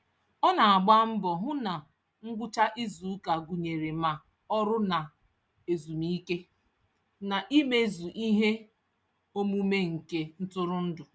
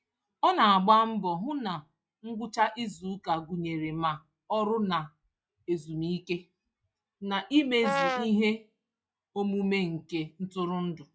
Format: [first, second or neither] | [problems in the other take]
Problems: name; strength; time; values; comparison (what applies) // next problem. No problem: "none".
first | noise reduction (classical method log-MMSE)